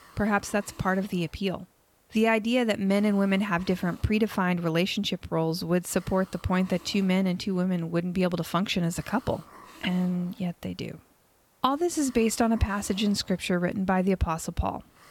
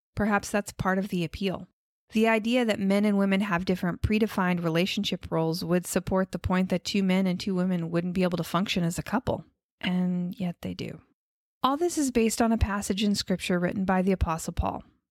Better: second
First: hiss; faint; throughout; 25 dB below the speech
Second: none

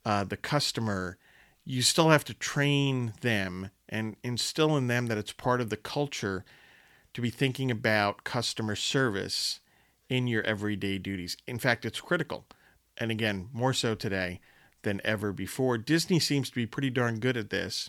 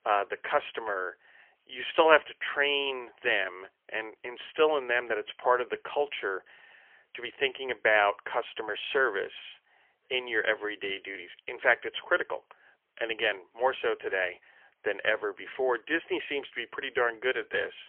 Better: first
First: none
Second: phone-call audio; poor line; nothing above 3.5 kHz

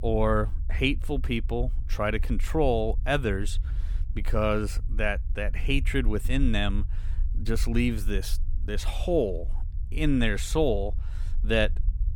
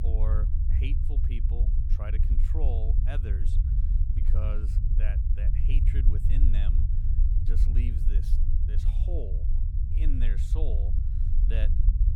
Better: first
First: low rumble; faint; throughout; 25 dB below the speech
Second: low rumble; loud; throughout; 2 dB below the speech

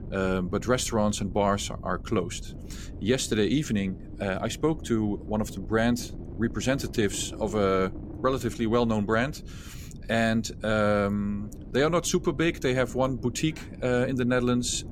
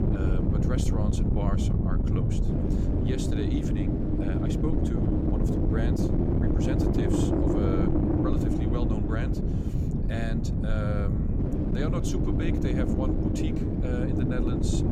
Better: first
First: wind noise on the microphone; occasional gusts; 20 dB below the speech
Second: wind noise on the microphone; heavy; 5 dB above the speech

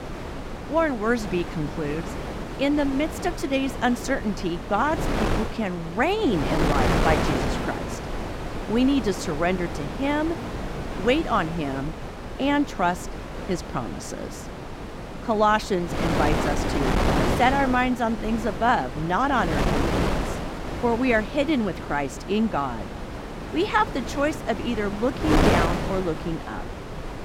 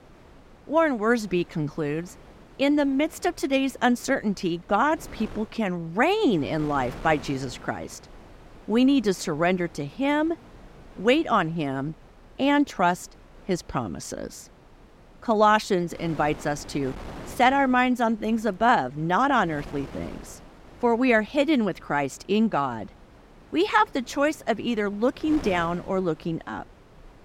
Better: second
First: wind noise on the microphone; heavy; 5 dB below the speech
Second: wind noise on the microphone; occasional gusts; 25 dB below the speech

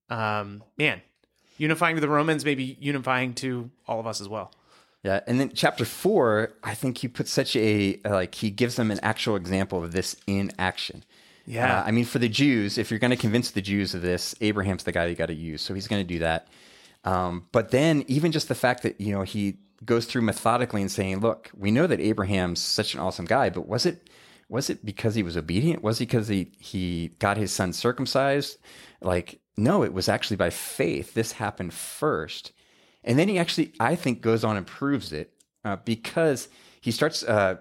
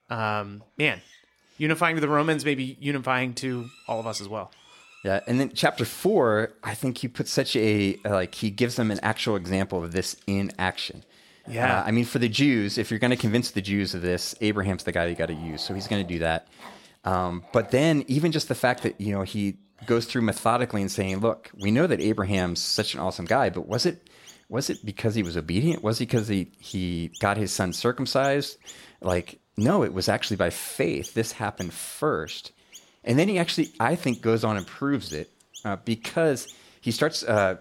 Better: first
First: none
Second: animal sounds; faint; throughout; 25 dB below the speech

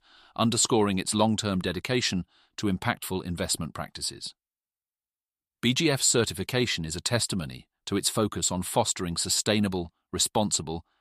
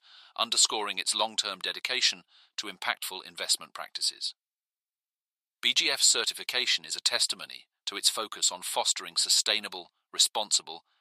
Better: first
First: none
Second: thin; very; fading below 750 Hz

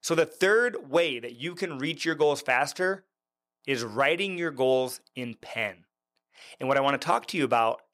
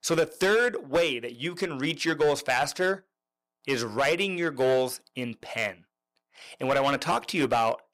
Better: first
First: none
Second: distortion; slight; 6% of the sound clipped

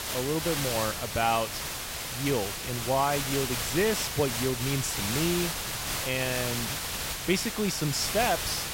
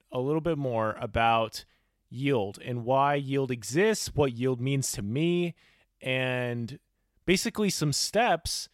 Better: second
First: hiss; loud; throughout; 1 dB below the speech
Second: none

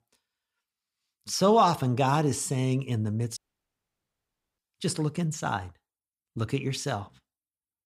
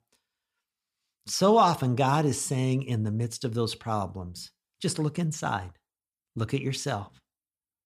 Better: second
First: audio cutting out; at 3.5 s for 1 s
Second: none

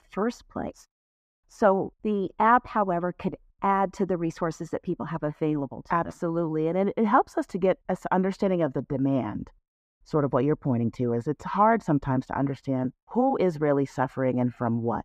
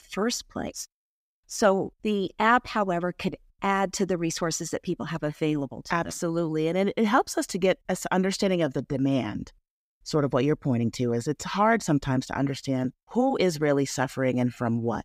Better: second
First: muffled; very; fading above 2.5 kHz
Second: none

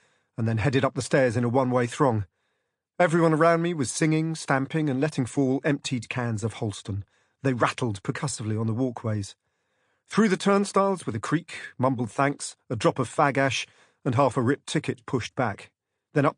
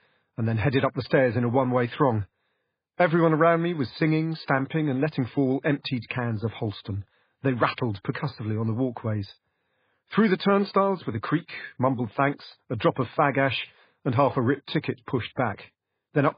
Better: first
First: garbled, watery; slightly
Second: garbled, watery; badly; nothing above 4.5 kHz

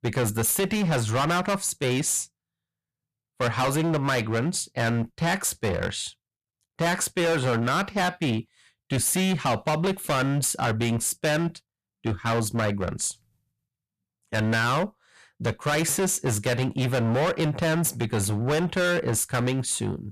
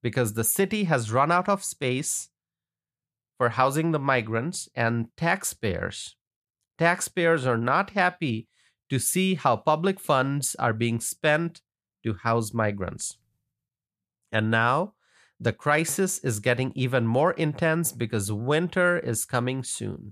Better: second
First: distortion; heavy; 20% of the sound clipped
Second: none

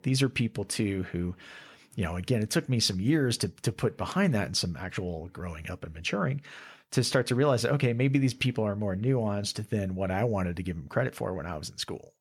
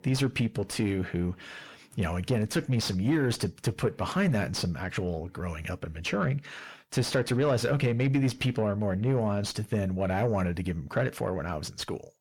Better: first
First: none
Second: distortion; slight; 10 dB below the speech

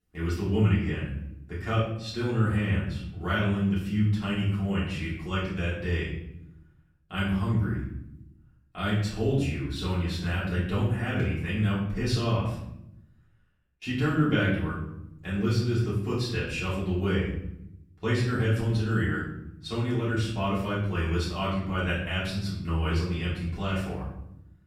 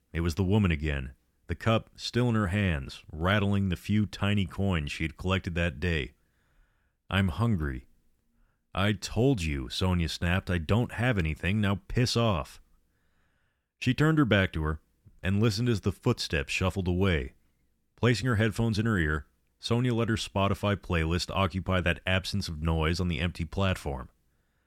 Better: second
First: room echo; noticeable; dies away in 0.8 s // off-mic speech; far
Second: none

